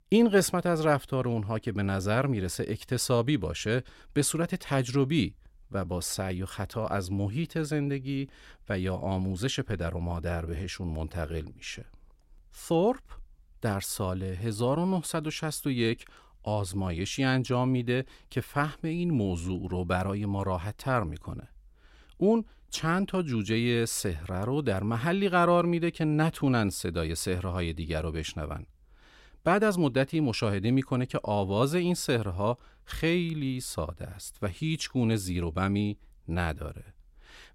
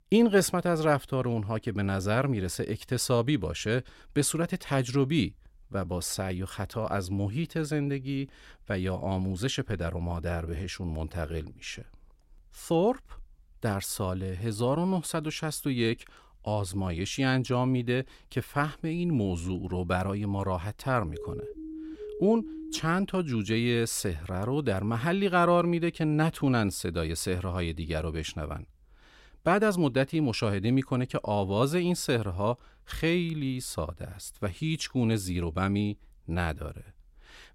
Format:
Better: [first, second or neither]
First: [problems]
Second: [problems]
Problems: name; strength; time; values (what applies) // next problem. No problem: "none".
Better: first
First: none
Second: siren; faint; from 21 to 23 s; peak 10 dB below the speech